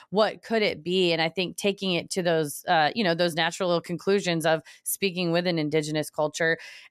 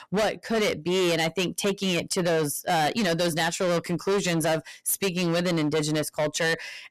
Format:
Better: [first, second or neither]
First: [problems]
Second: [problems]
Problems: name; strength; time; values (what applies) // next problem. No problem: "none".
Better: first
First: none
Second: distortion; heavy; 22% of the sound clipped